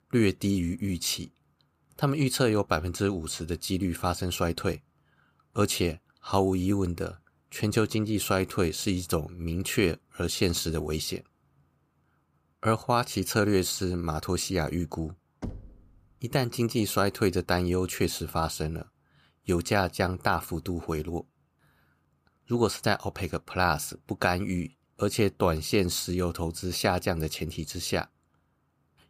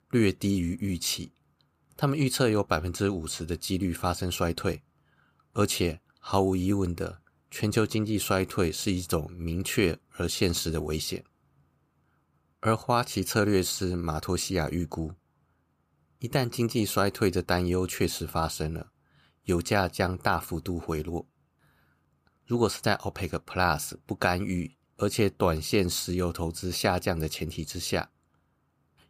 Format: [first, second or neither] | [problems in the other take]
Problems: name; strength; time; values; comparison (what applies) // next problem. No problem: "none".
second | door banging; faint; at 15 s; peak 10 dB below the speech